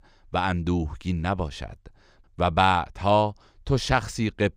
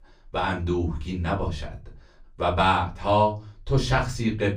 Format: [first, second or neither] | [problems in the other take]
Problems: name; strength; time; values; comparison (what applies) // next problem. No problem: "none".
first | off-mic speech; far // room echo; very slight; dies away in 0.3 s